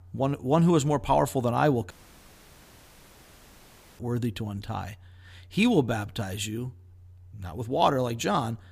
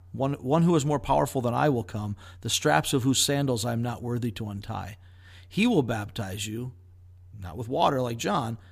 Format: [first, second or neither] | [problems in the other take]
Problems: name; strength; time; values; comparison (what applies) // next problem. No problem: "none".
second | audio cutting out; at 2 s for 2 s